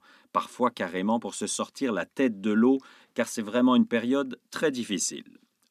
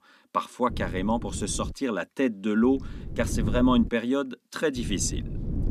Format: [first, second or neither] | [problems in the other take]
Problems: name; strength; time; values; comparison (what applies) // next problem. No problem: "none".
first | wind noise on the microphone; occasional gusts; from 0.5 to 1.5 s, from 2.5 to 4 s and at 5 s; 15 dB below the speech